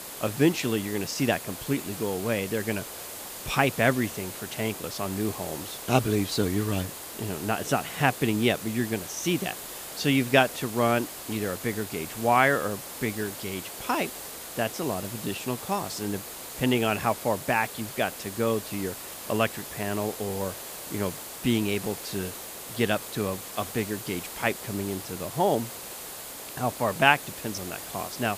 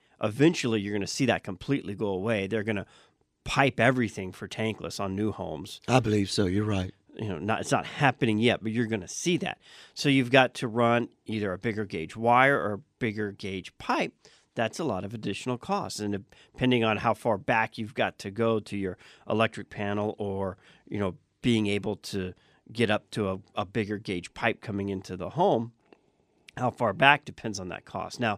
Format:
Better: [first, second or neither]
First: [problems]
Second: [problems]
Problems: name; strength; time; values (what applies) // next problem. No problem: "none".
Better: second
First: hiss; loud; throughout; 9 dB below the speech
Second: none